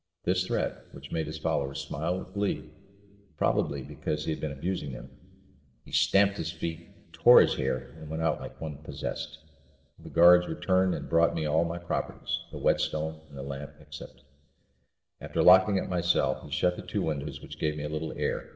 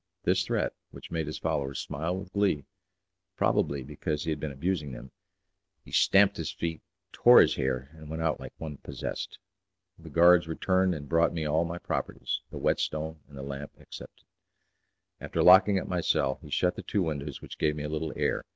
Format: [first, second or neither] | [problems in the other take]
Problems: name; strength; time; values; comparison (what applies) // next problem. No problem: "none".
second | room echo; dies away in 2.7 s